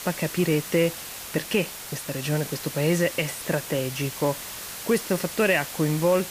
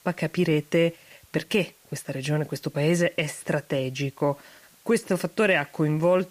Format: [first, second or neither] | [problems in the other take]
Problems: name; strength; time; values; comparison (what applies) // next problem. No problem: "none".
second | hiss; loud; throughout; 8 dB below the speech; faint in the second